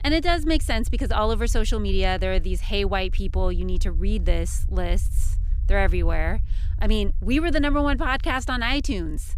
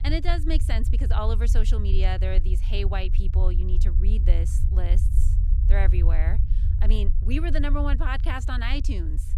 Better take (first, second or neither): first